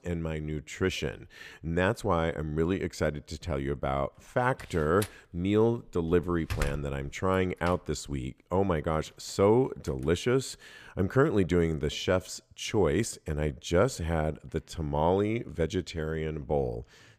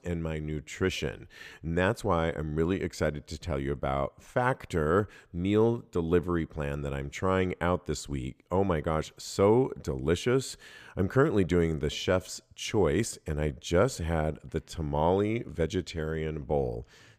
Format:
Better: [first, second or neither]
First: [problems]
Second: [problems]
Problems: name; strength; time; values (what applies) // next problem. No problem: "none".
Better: second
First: door banging; noticeable; from 4.5 to 7.5 s; peak 6 dB below the speech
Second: none